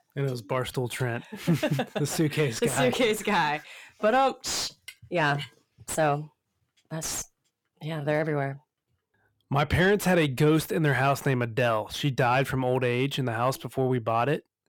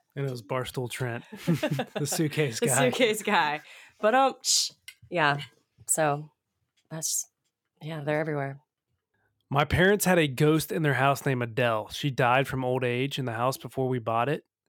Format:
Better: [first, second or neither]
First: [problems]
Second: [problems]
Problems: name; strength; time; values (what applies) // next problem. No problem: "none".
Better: second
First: distortion; slight; 10 dB below the speech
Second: none